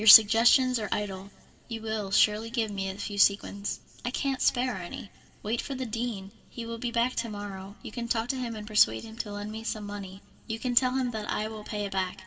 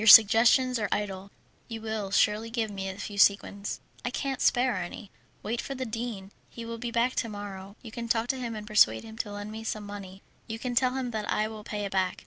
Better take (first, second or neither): second